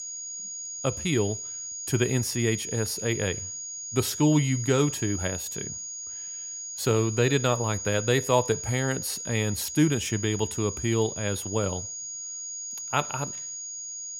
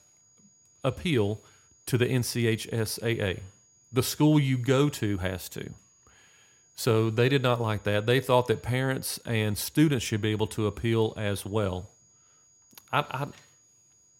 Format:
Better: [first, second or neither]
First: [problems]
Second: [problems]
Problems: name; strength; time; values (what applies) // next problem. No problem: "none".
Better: second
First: high-pitched whine; loud; throughout; 6.5 kHz, 6 dB below the speech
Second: high-pitched whine; faint; throughout; 6.5 kHz, 30 dB below the speech